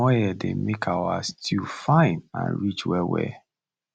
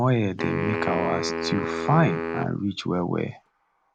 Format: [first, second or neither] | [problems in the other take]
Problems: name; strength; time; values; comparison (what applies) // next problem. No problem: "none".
first | background sound (Wind instrument, woodwind instrument); 5 dB below the speech